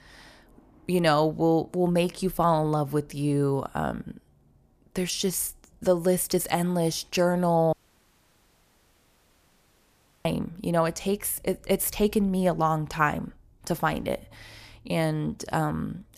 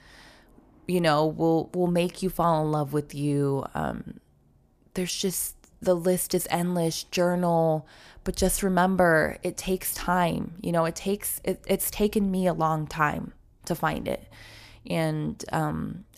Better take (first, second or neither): second